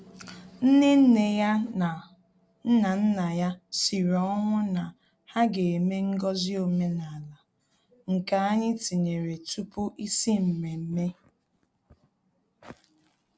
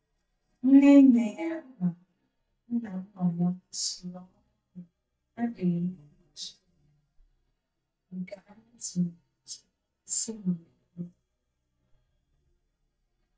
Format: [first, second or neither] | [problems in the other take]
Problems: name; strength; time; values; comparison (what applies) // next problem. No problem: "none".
first | noise reduction (neural mask model DeepFilterNet 3)